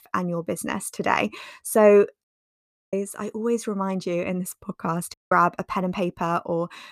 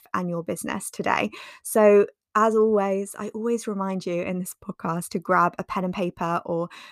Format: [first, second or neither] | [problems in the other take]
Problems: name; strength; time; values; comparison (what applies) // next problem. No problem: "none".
second | audio cutting out; at 2 s for 0.5 s and at 5 s